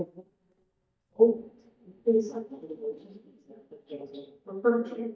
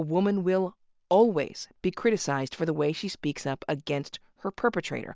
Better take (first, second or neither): second